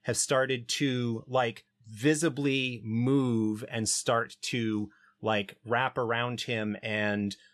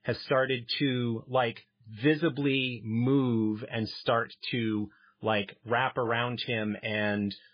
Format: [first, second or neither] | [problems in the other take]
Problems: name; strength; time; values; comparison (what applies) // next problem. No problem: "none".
first | garbled, watery; badly